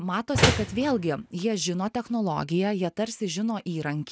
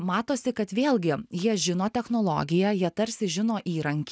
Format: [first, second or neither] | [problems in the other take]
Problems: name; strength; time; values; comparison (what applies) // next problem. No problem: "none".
second | background sound (Slam); 1 dB above the speech